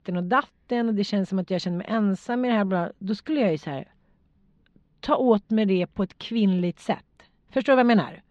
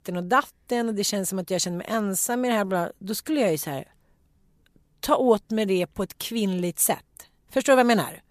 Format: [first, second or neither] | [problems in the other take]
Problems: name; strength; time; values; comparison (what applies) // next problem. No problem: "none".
second | muffled; slightly; fading above 4 kHz